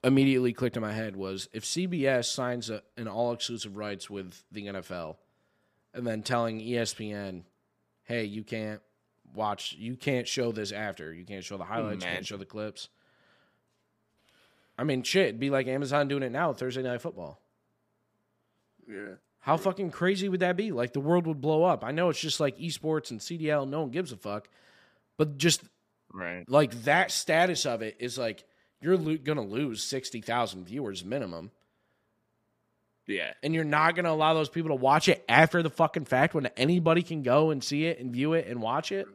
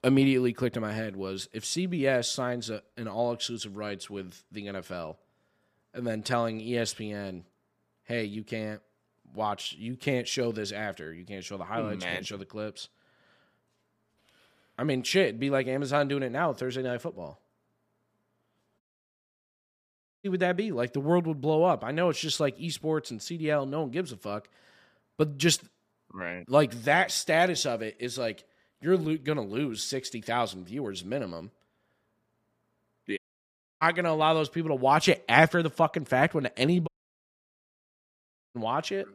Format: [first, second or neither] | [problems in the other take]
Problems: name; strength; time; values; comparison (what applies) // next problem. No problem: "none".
first | audio cutting out; at 19 s for 1.5 s, at 33 s for 0.5 s and at 37 s for 1.5 s